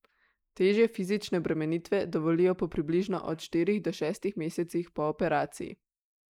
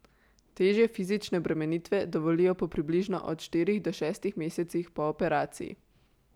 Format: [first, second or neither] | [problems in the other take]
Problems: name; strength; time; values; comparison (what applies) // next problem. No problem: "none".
second | noise reduction (neural mask model Resemble Enhance denoiser)